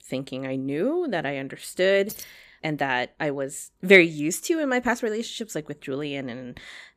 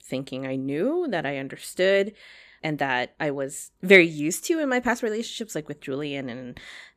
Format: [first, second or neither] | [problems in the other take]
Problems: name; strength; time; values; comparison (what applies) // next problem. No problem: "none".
second | jangling keys; faint; at 2 s; peak 15 dB below the speech